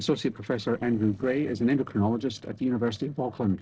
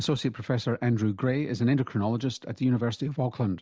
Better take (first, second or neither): second